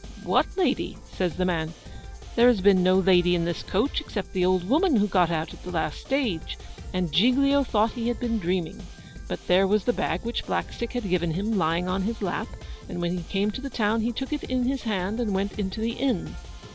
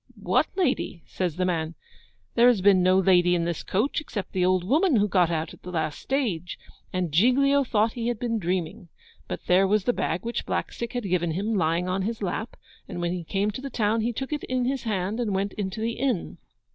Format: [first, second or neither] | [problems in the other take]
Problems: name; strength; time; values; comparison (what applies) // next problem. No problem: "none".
second | background sound (Drum kit); 14 dB below the speech